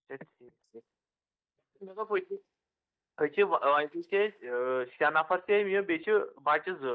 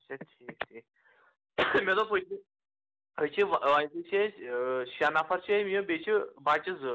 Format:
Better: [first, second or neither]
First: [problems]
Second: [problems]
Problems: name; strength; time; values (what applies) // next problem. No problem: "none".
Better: second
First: noise reduction (neural mask model DeepFilterNet 3)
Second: none